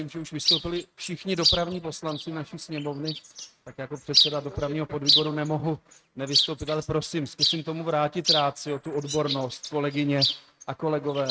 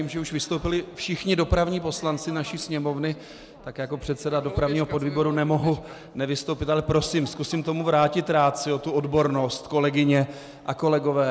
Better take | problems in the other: second | noise reduction (neural mask model RNNoise)

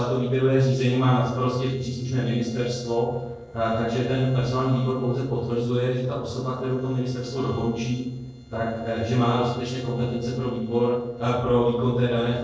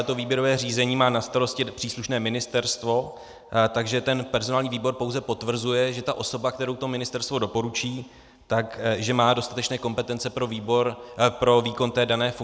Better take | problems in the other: second | noise reduction (neural separator model SepFormer DNS4)

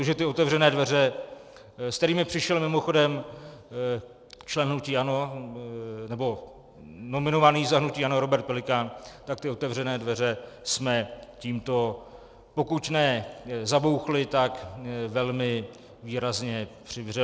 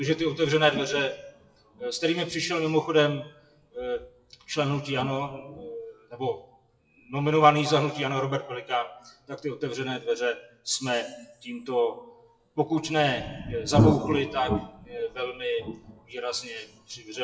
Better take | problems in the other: first | noise reduction (classical method WPE with log-MMSE)

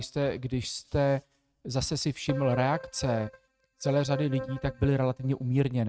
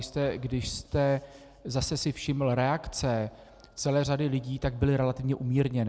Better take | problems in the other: second | noise reduction (neural mask model RNNoise)

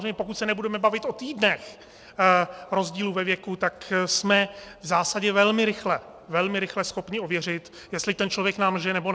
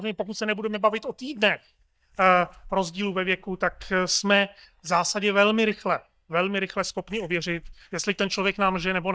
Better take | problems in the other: first | noise reduction (neural mask model DeepFilterNet 3)

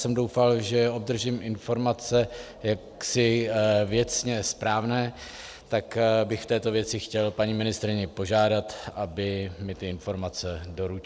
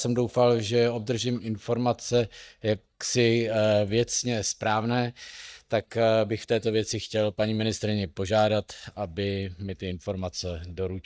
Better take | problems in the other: first | noise reduction (neural mask model DeepFilterNet 3)

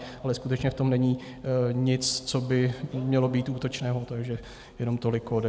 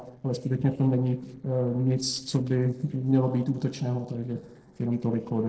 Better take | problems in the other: first | noise reduction (neural separator model SepFormer DNS4)

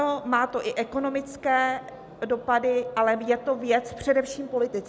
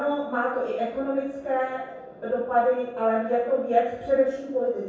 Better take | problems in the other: first | room echo; dies away in 0.7 s

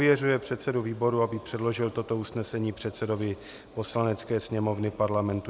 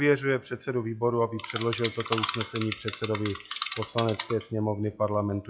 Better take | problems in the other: first | noise reduction (classical method log-MMSE)

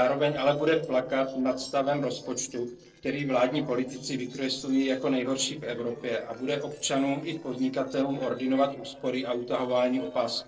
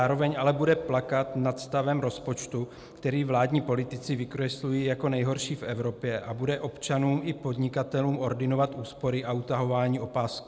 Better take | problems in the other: second | noise reduction (neural separator model SepFormer DNS4)

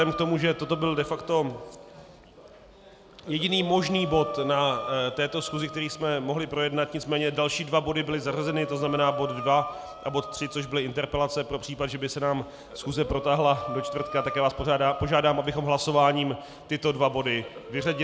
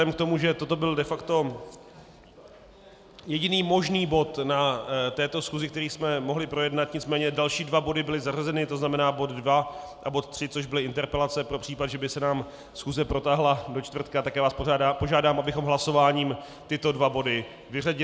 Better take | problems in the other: second | background sound (Breathing); 12 dB below the speech

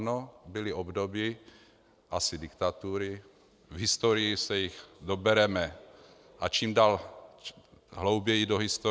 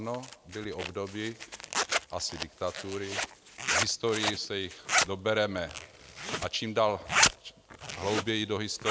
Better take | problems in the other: first | background sound (Zipper (clothing)); as loud as the speech

